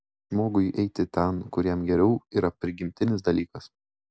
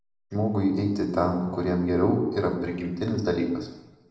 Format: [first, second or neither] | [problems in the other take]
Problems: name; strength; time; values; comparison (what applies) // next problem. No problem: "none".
first | room echo; dies away in 0.8 s